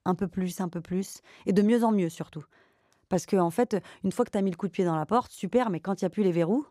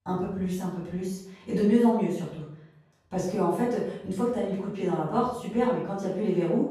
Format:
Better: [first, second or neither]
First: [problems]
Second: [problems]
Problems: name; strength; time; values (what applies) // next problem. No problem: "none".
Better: first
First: none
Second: off-mic speech; far // room echo; noticeable; dies away in 0.6 s